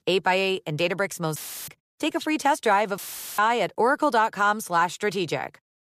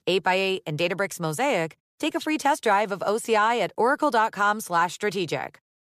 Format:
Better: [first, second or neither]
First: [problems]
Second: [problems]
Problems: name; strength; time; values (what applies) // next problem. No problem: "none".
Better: second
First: audio cutting out; filled with static; at 1.5 s and at 3 s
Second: none